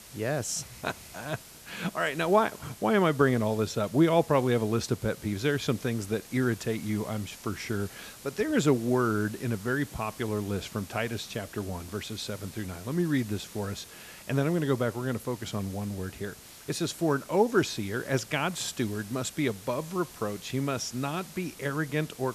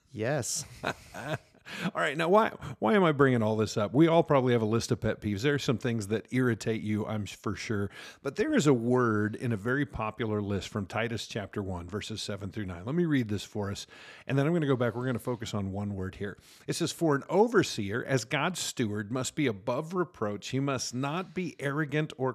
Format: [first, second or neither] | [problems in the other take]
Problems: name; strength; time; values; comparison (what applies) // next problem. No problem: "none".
second | hiss; noticeable; throughout; 15 dB below the speech